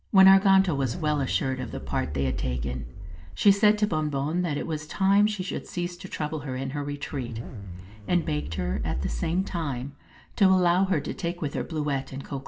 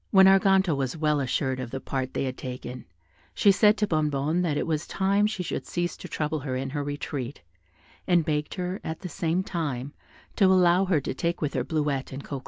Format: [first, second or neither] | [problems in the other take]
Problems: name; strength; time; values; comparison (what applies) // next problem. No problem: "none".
second | background sound (Zipper (clothing)); 5 dB below the speech // room echo; dies away in 0.4 s